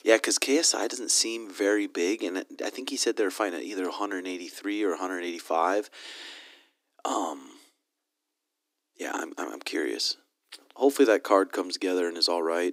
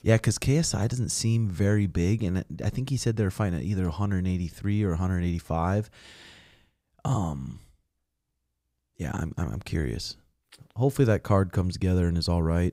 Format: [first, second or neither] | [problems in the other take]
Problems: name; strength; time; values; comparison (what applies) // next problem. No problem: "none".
second | thin; very; fading below 300 Hz